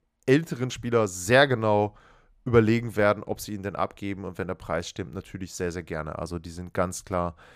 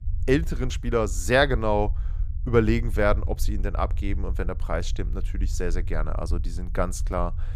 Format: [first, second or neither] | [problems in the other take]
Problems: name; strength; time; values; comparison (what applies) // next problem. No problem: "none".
first | low rumble; faint; throughout; 25 dB below the speech